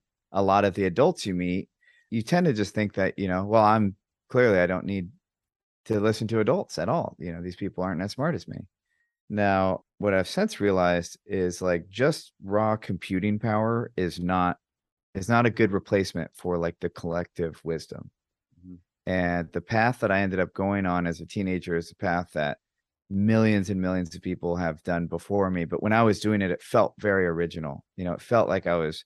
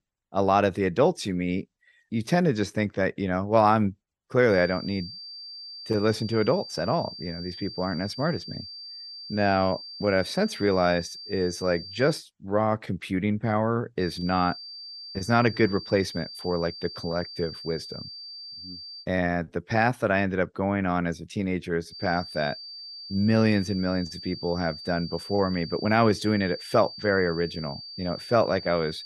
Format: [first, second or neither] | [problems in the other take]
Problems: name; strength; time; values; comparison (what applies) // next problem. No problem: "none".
first | high-pitched whine; noticeable; from 4.5 to 12 s, from 14 to 19 s and from 22 s on; 4.5 kHz, 10 dB below the speech